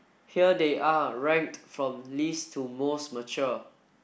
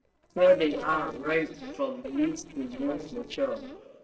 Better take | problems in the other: first | noise reduction (neural separator model SepFormer DNS4)

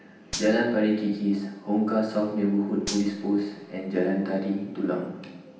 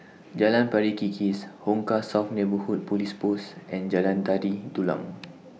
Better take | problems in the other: second | background sound (Gunshot, gunfire); 14 dB below the speech // room echo; dies away in 0.9 s

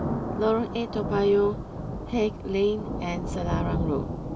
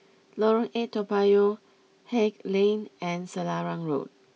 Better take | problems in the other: second | background sound (Thunder); 4 dB below the speech

